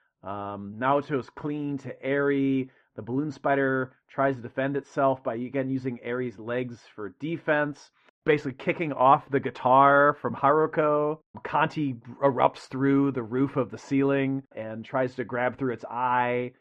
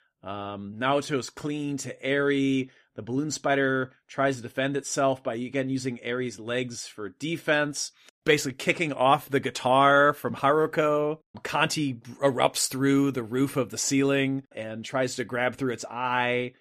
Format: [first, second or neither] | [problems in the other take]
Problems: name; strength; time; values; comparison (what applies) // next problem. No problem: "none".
second | muffled; very; fading above 2 kHz